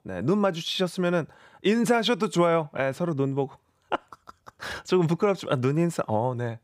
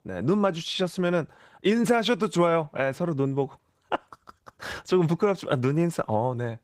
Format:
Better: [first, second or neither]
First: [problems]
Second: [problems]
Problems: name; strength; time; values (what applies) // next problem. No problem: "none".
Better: first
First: none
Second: garbled, watery; slightly; nothing above 15.5 kHz